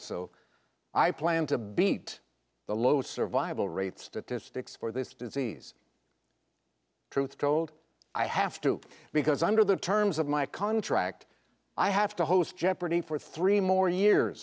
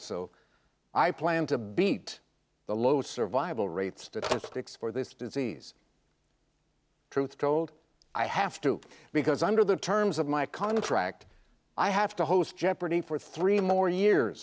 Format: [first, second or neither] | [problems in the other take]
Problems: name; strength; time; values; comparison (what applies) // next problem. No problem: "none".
first | background sound (Telephone); 18 dB below the speech